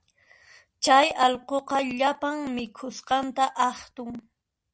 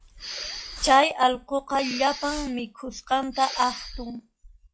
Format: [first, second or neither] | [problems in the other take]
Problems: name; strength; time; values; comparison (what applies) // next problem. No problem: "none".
first | noise reduction (classical method log-MMSE)